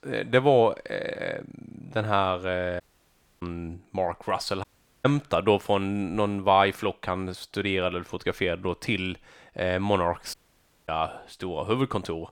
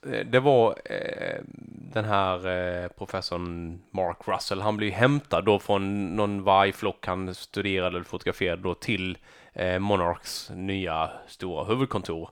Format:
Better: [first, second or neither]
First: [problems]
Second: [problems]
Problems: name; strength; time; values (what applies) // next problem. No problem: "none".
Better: second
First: audio cutting out; at 3 s for 0.5 s, at 4.5 s and at 10 s for 0.5 s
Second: none